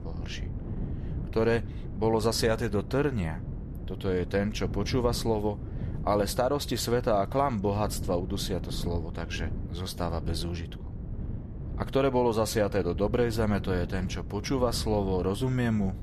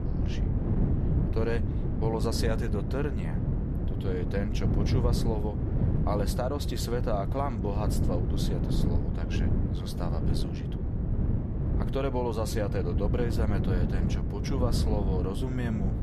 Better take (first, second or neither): first